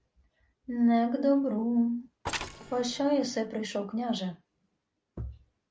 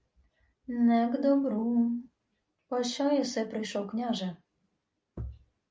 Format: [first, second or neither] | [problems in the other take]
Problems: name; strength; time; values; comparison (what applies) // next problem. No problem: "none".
second | background sound (Mechanisms); 12 dB below the speech